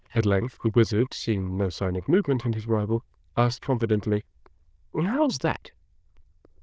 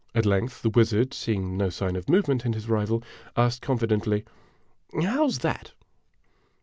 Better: second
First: noise reduction (neural diffusion model UNIVERSE++)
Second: none

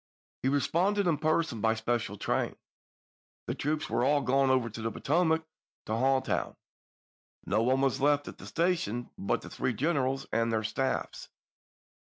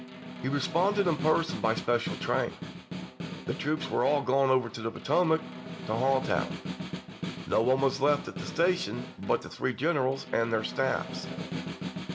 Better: first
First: none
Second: background sound (Snare drum); 9 dB below the speech // room echo; dies away in 0.5 s

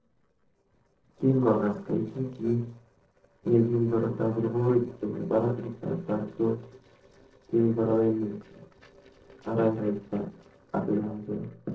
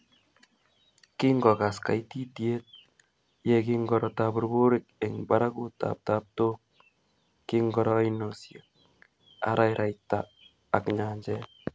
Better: second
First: noise reduction (neural separator model SepFormer DNS4)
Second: none

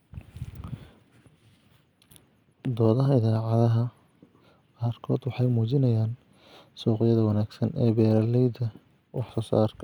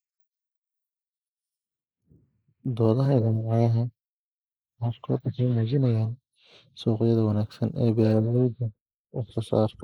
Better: first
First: none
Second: noise reduction (neural mask model Resemble Enhance denoiser)

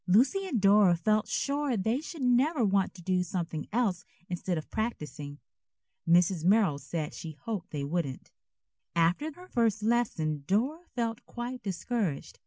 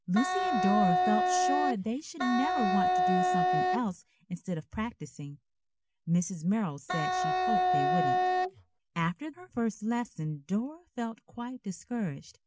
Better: first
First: none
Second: background sound (Wind instrument, woodwind instrument); 5 dB above the speech

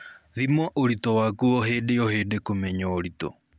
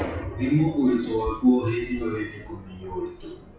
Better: first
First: none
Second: noise reduction (classical method WPE with log-MMSE)

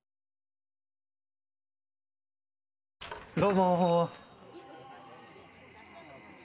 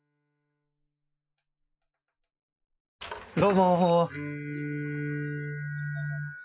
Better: first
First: none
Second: noise reduction (classical method Wiener filter)

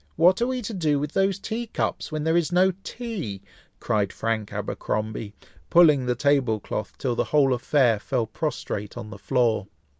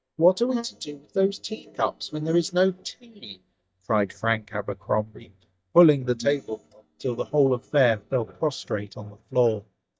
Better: first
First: none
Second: noise reduction (neural mask model DeepFilterNet 3)

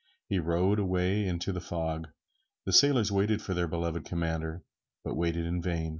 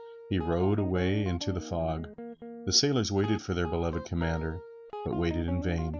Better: first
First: none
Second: background sound (Guitar); 12 dB below the speech

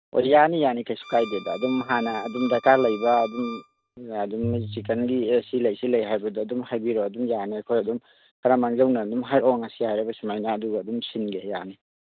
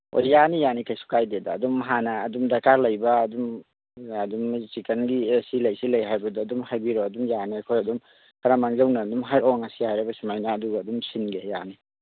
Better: second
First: noise reduction (neural mask model RNNoise)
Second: none

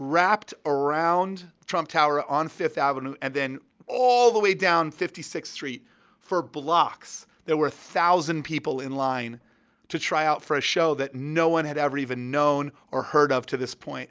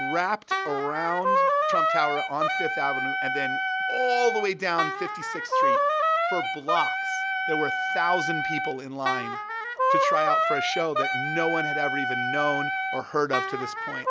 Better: first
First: none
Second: background sound (Wind instrument, woodwind instrument); 3 dB above the speech

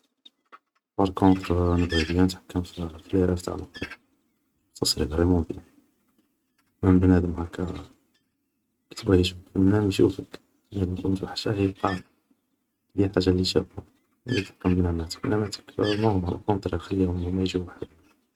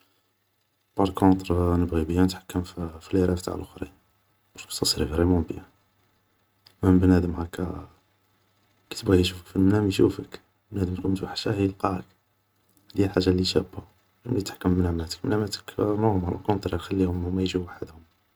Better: second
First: noise reduction (neural mask model RNNoise)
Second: none

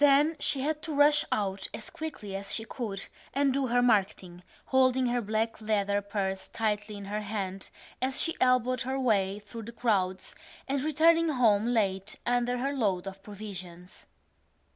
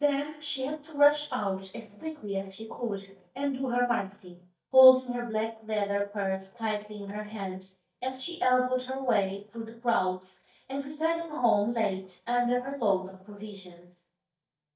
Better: first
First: none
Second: noise reduction (neural mask model DeepFilterNet 3)

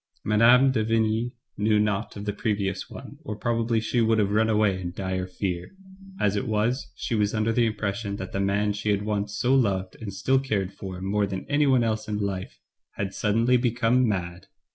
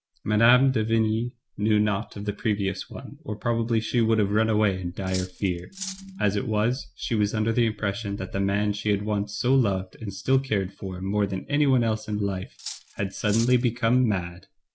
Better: first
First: none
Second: background sound (Cutlery, silverware); 15 dB below the speech

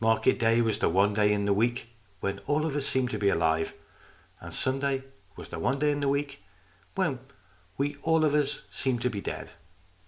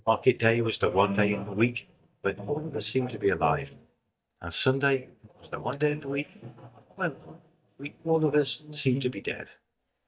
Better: first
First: none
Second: noise reduction (neural mask model DeepFilterNet 3)

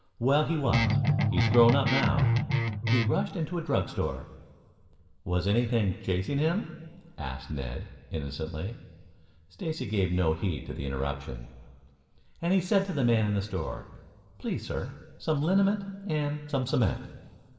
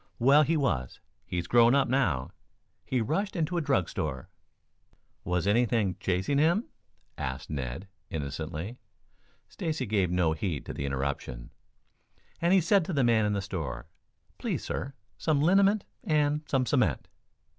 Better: second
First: background sound (Guitar); 4 dB above the speech // room echo; dies away in 1.7 s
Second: none

